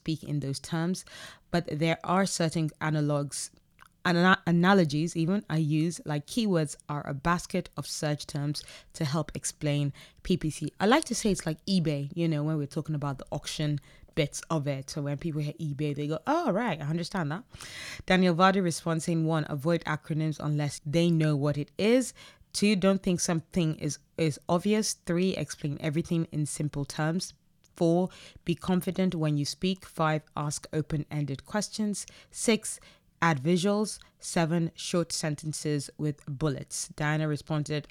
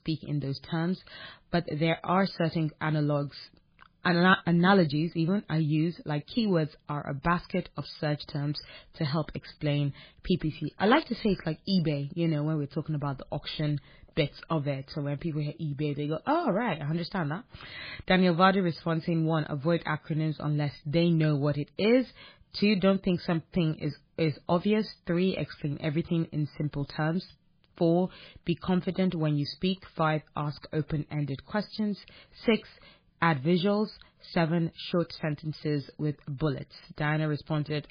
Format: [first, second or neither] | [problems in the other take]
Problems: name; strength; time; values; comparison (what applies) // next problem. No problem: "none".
first | garbled, watery; badly; nothing above 4 kHz